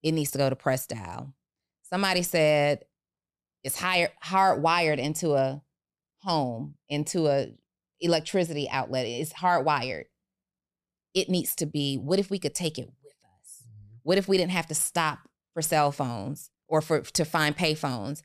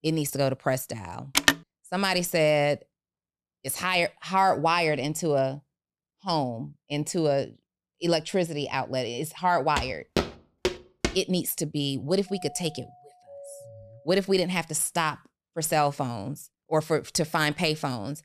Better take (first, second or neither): first